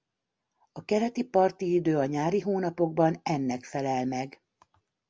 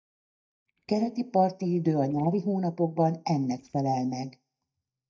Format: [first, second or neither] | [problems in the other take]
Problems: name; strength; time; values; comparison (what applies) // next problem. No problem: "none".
first | noise reduction (neural mask model DeepFilterNet 3)